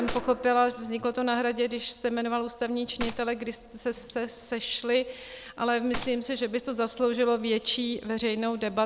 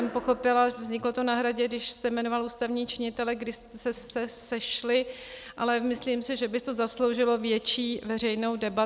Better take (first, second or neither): second